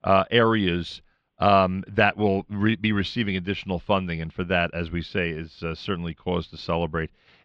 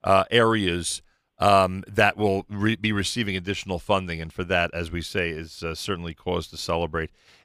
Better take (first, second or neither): second